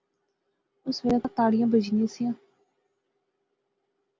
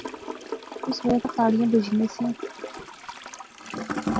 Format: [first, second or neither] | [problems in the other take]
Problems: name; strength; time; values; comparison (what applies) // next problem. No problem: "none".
first | background sound (Toilet flush / Gurgling); 7 dB below the speech